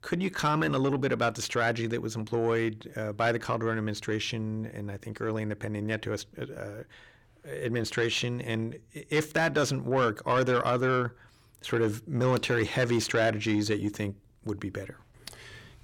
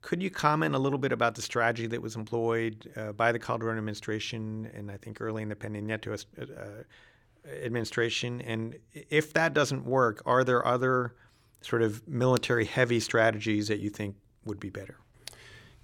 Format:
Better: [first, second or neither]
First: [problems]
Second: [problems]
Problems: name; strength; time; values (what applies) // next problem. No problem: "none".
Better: second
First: distortion; slight; 10 dB below the speech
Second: none